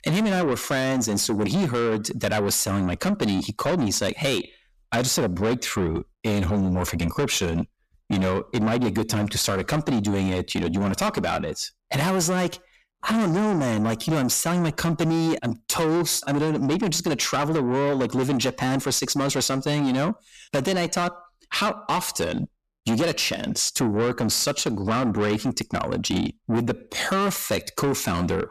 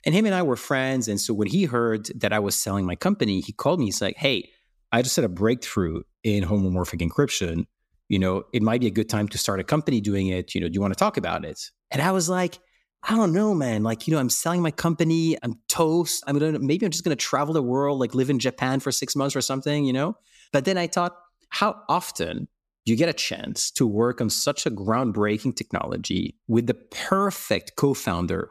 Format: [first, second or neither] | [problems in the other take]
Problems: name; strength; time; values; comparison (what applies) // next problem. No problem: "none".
second | distortion; heavy; 7 dB below the speech